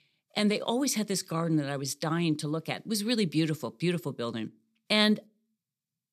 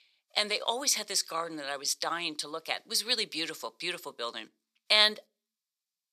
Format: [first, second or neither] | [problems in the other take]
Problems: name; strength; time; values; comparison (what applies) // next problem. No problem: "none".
first | thin; very; fading below 750 Hz